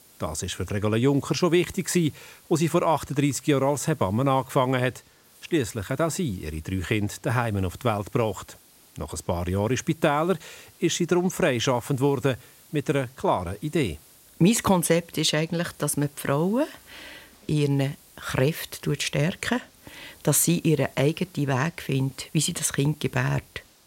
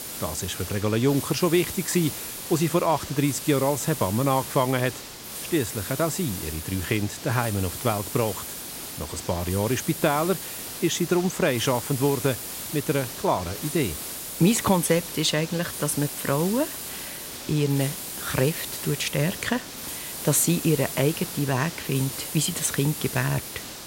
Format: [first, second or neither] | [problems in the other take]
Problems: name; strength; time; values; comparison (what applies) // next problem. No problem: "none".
first | hiss; loud; throughout; 7 dB below the speech; faint in the first